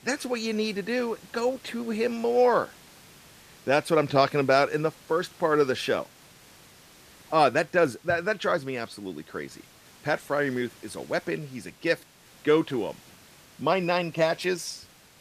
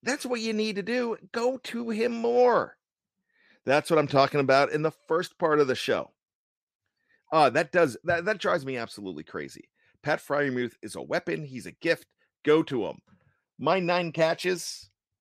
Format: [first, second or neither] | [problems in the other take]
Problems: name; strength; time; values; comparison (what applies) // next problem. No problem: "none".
second | hiss; faint; throughout; 25 dB below the speech